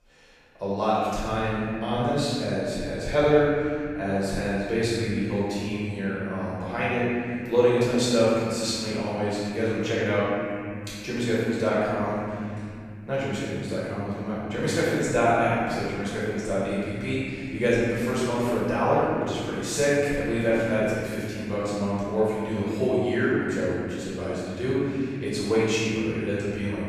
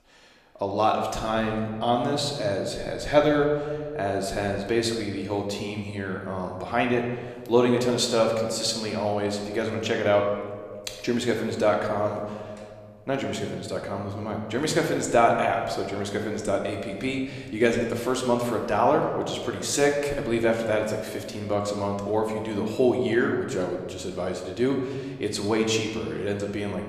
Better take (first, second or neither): second